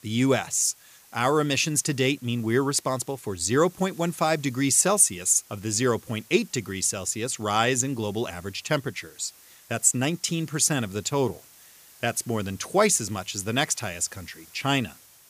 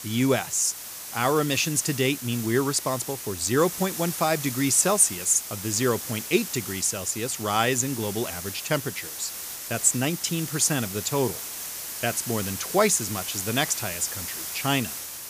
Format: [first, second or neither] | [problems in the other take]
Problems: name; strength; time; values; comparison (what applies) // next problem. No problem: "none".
first | hiss; loud; throughout; 7 dB below the speech; faint in the first